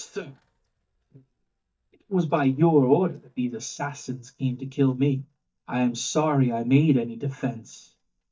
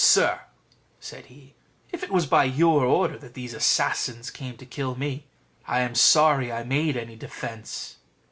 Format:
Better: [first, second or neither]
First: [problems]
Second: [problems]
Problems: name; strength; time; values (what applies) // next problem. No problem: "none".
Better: second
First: noise reduction (neural mask model DeepFilterNet 3)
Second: none